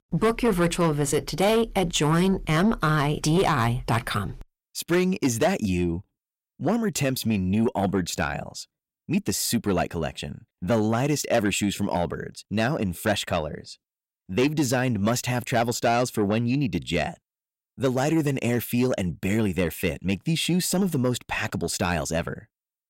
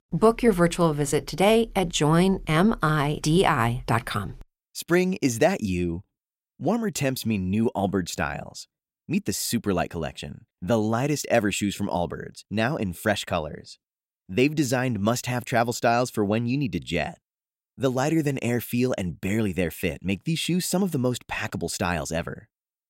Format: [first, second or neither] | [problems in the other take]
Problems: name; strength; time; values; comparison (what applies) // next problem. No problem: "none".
second | distortion; slight; 10 dB below the speech